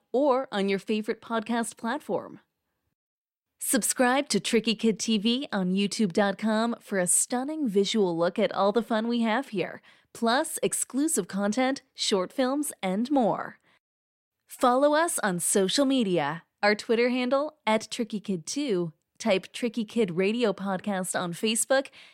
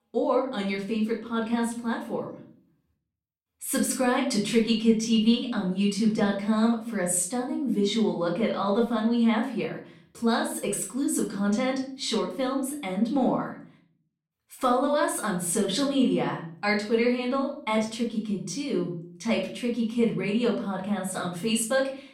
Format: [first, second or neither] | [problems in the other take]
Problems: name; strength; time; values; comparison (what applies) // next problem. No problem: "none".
first | off-mic speech; far // room echo; slight; dies away in 0.5 s